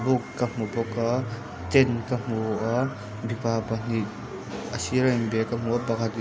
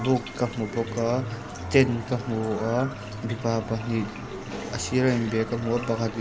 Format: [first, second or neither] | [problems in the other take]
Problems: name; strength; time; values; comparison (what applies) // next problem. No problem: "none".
first | background sound (Bathtub (filling or washing)); 20 dB below the speech